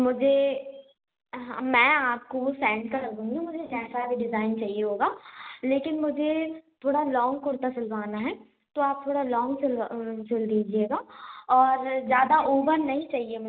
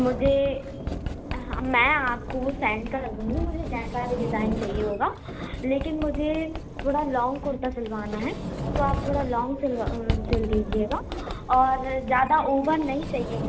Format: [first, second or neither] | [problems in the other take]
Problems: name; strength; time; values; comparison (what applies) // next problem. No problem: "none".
first | background sound (Sliding door); 5 dB below the speech